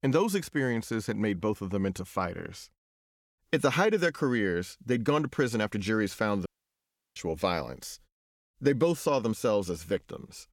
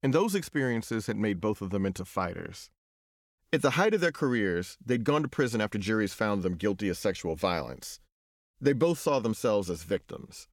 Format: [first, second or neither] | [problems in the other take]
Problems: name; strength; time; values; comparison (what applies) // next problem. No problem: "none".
second | audio cutting out; at 6.5 s for 0.5 s